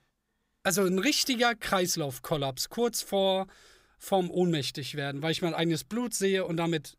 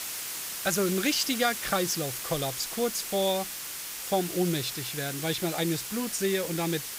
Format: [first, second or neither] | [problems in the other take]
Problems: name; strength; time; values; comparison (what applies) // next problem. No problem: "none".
first | hiss; loud; throughout; 5 dB below the speech